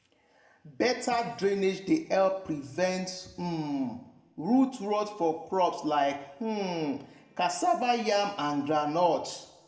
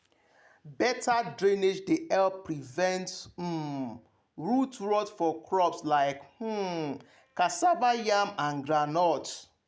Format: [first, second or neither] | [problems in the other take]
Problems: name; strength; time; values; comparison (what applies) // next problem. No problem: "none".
second | room echo; dies away in 0.9 s